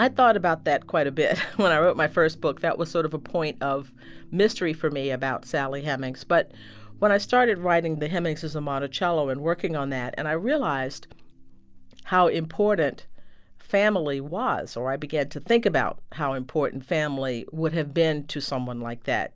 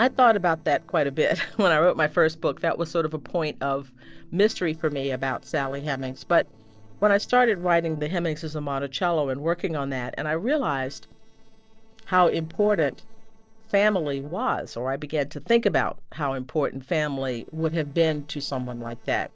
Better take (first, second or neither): first